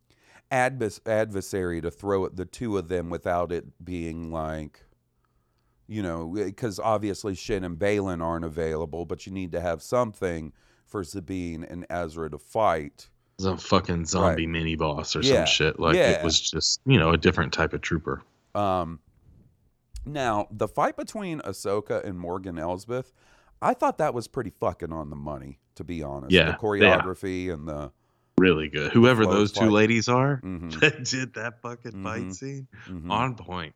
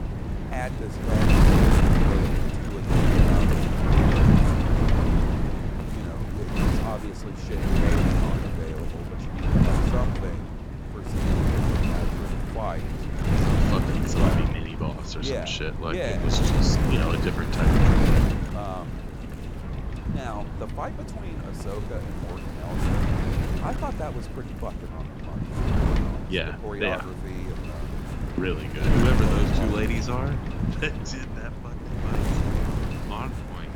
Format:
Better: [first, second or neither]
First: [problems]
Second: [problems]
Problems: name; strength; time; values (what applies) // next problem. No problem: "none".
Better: first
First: none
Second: wind noise on the microphone; heavy; 2 dB above the speech